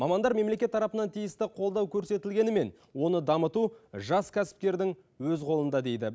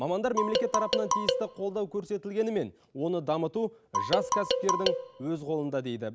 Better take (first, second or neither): first